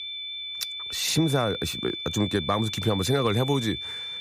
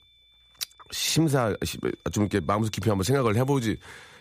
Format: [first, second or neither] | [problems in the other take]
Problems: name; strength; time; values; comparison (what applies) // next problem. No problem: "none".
second | high-pitched whine; loud; throughout; 3.5 kHz, 5 dB below the speech; faint in the second